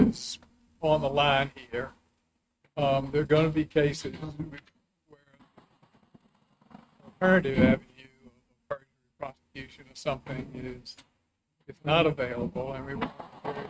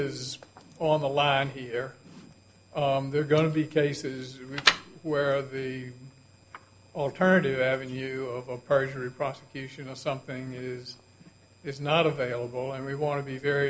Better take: second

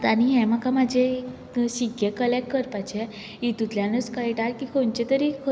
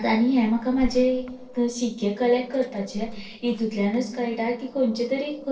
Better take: first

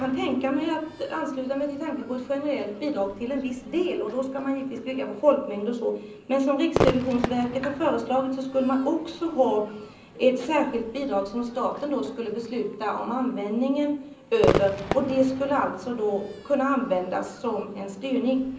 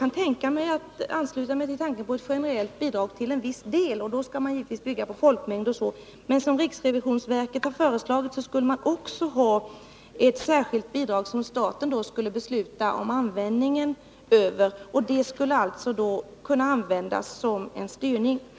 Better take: second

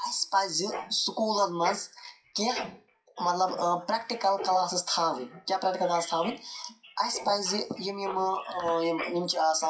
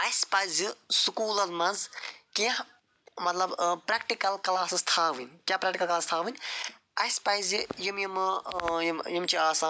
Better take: second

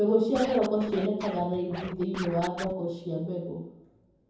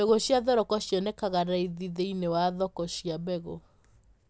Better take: second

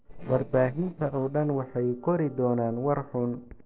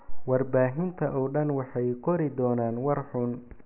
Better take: second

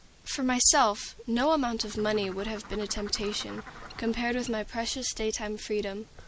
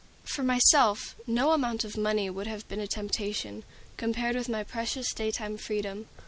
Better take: second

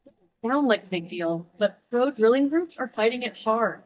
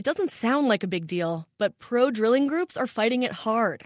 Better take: second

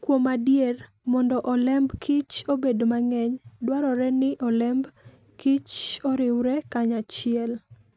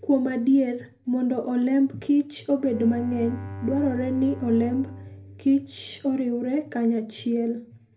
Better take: first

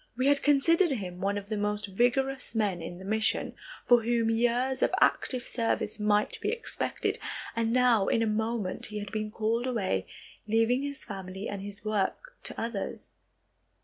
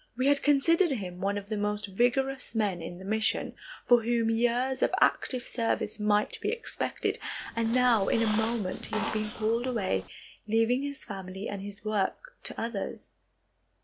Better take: first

